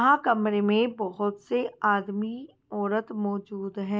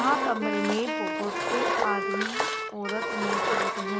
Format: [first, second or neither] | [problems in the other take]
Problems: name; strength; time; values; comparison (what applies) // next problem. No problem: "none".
first | background sound (Engine + Wind instrument, woodwind instrument); 3 dB above the speech